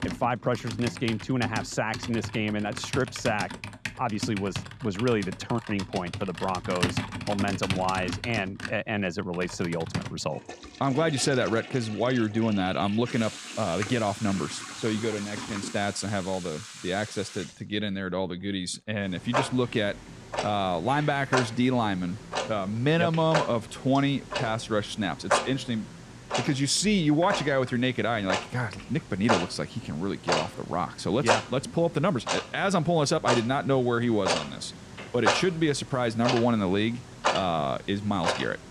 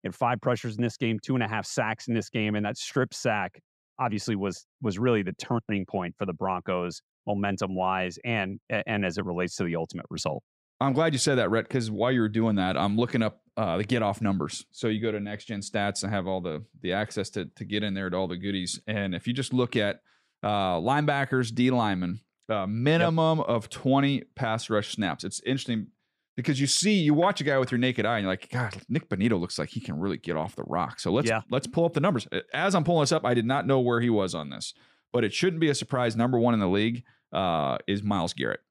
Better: second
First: household noises; loud; throughout; 5 dB below the speech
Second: none

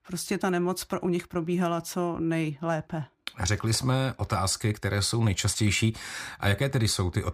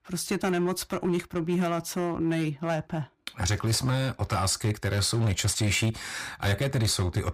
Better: first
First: none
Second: distortion; slight; 9% of the sound clipped

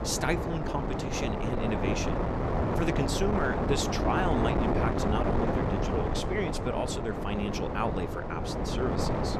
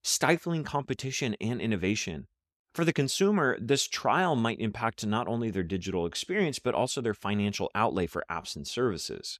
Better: second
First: wind noise on the microphone; heavy; 1 dB above the speech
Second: none

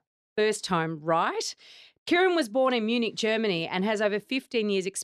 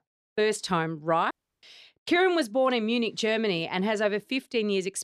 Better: first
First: none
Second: audio cutting out; at 1.5 s

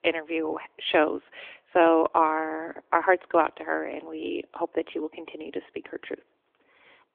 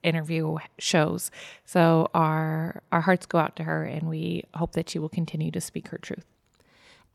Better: second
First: phone-call audio; nothing above 3.5 kHz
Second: none

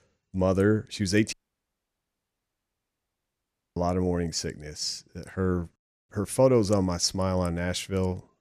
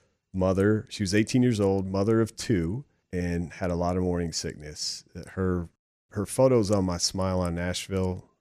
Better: second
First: audio cutting out; at 1.5 s for 2.5 s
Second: none

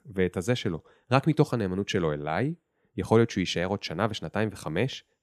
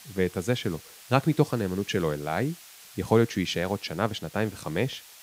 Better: first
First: none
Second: hiss; noticeable; throughout; 20 dB below the speech

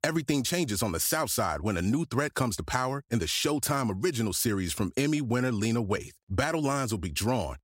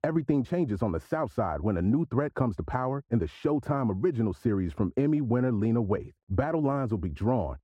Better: first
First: none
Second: muffled; very; fading above 2.5 kHz

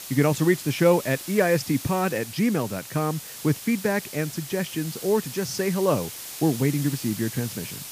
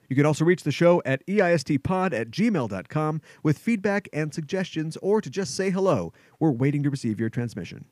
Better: second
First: hiss; noticeable; throughout; 10 dB below the speech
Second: none

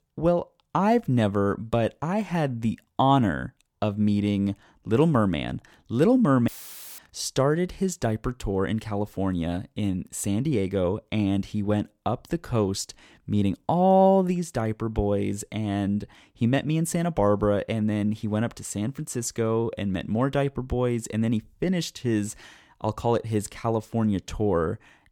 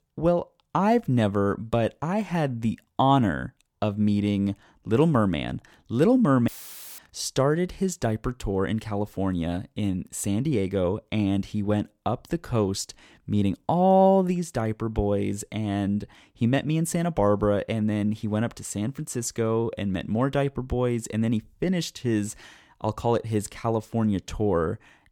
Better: neither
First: audio cutting out; filled with static; at 6.5 s for 0.5 s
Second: audio cutting out; filled with static; at 6.5 s for 0.5 s

